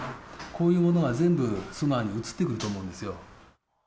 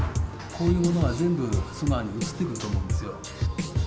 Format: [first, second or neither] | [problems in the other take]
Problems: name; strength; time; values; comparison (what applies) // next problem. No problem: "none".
first | background sound (Drum kit); as loud as the speech